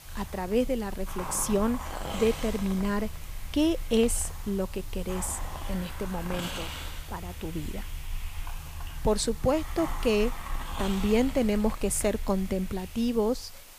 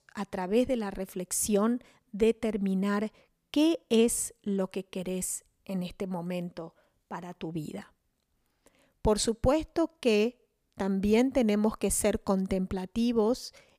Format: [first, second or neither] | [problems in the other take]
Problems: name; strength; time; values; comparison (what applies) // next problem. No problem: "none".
second | hiss; loud; throughout; 10 dB below the speech